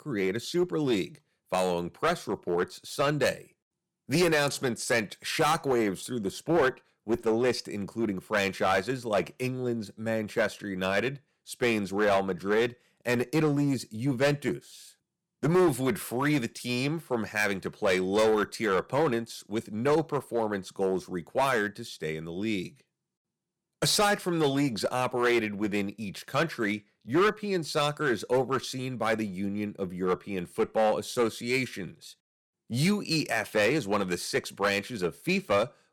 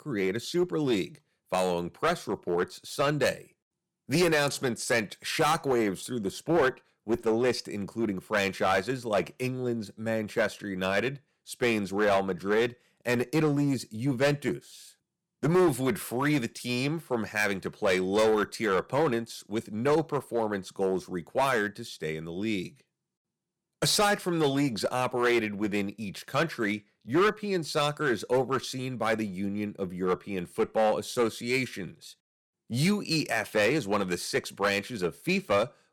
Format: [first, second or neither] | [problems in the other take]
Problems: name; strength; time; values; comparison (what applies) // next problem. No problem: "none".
neither | distortion; slight; 5% of the sound clipped; the same in both